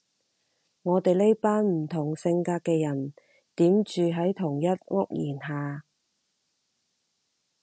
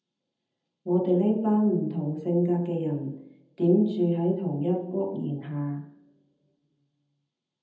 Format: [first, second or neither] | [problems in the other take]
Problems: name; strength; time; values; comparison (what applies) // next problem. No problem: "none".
first | room echo; dies away in 0.8 s